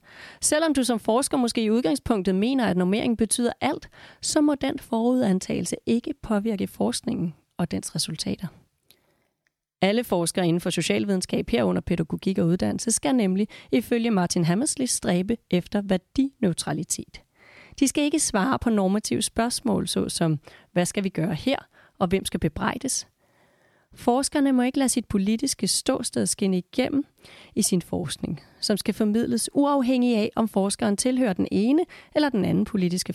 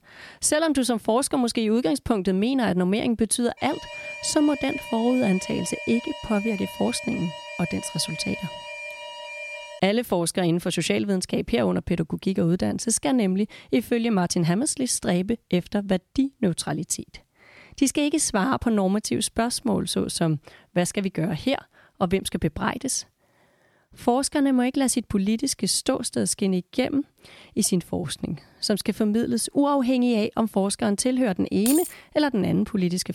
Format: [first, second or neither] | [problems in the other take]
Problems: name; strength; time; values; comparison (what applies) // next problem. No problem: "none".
first | alarm; noticeable; from 3.5 to 10 s; peak 9 dB below the speech // jangling keys; noticeable; at 32 s; peak 3 dB below the speech